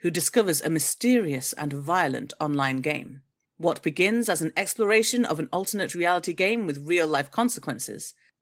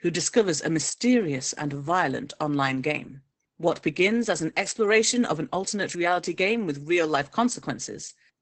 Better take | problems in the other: first | garbled, watery; badly; nothing above 8 kHz; slightly in the first

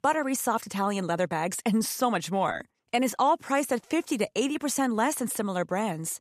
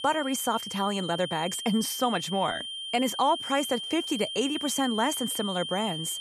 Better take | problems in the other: first | high-pitched whine; loud; throughout; 3 kHz, 5 dB below the speech

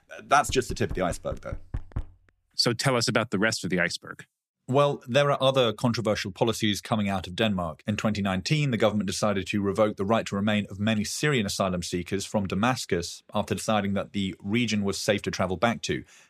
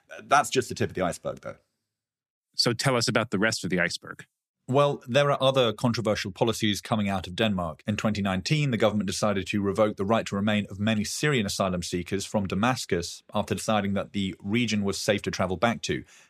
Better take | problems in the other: second | door banging; faint; until 2 s; peak 10 dB below the speech

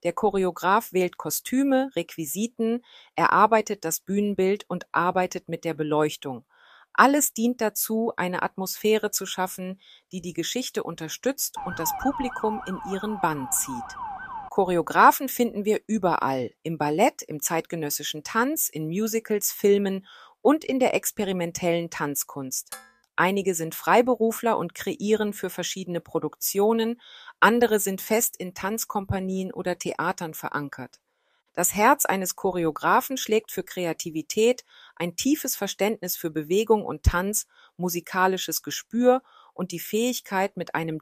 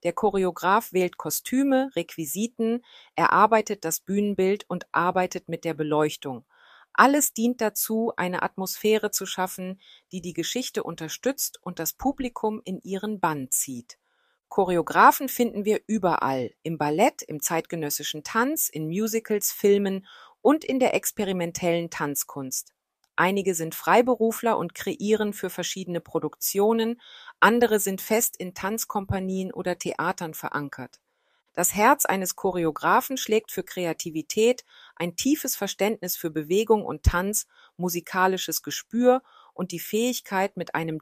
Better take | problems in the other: second | siren; noticeable; from 12 to 14 s; peak 7 dB below the speech // clattering dishes; faint; at 23 s; peak 15 dB below the speech

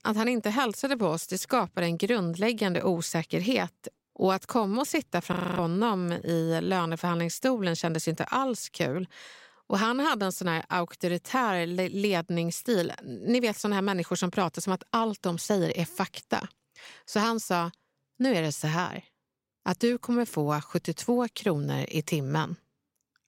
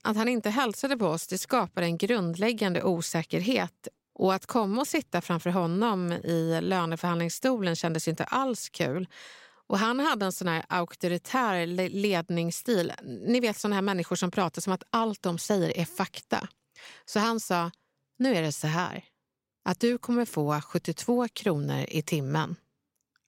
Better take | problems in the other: second | audio freezing; at 5.5 s

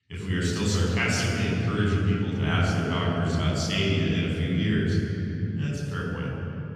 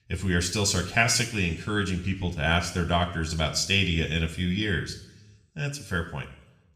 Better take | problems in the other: second | room echo; strong; dies away in 3 s; slight in the second // off-mic speech; far

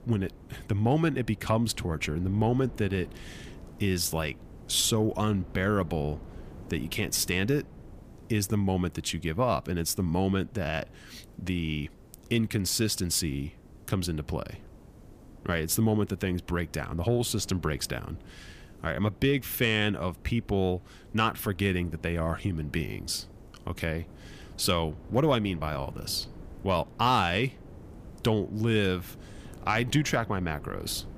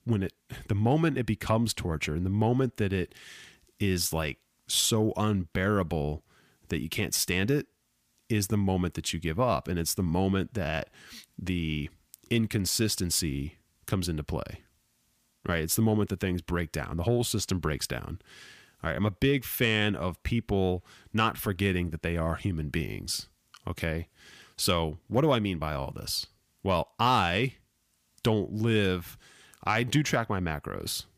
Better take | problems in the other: second | wind noise on the microphone; occasional gusts; 25 dB below the speech

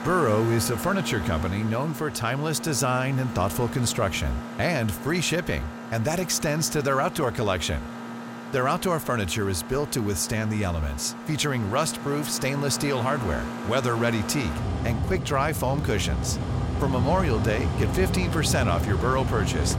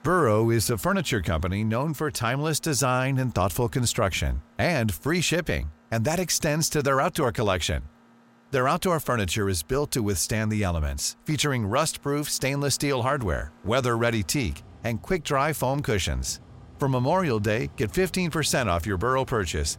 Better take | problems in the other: second | machinery noise; loud; throughout; 6 dB below the speech; faint in the second

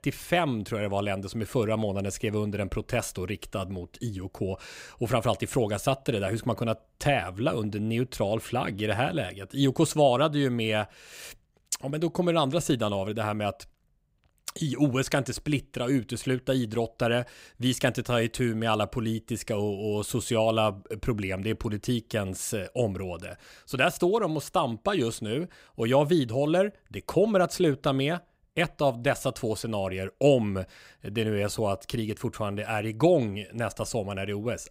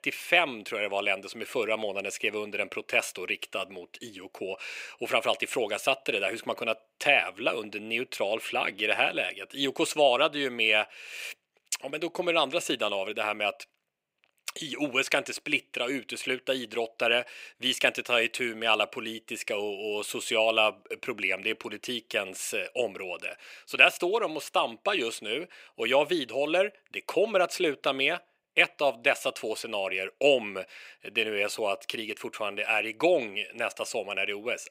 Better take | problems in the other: first | thin; somewhat; fading below 450 Hz

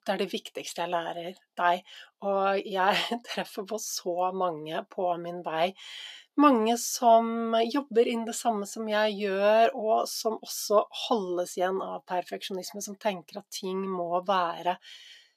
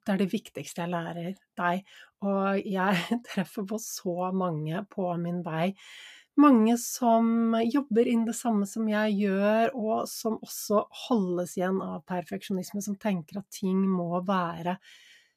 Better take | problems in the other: second | thin; somewhat; fading below 400 Hz

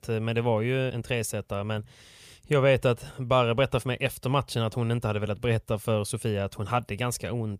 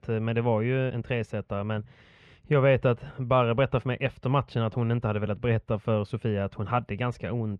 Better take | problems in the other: first | muffled; very; fading above 2 kHz

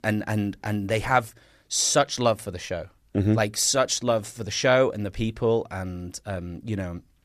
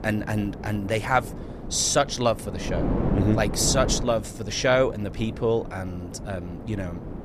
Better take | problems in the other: first | wind noise on the microphone; occasional gusts; 10 dB below the speech

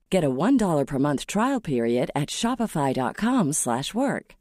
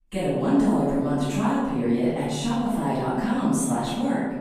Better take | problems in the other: first | off-mic speech; far // room echo; strong; dies away in 1.1 s

